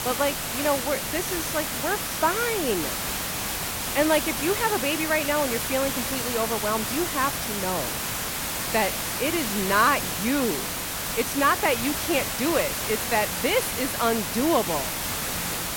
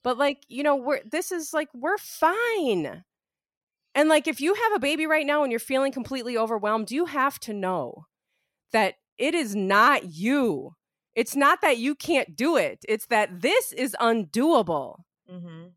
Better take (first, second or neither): second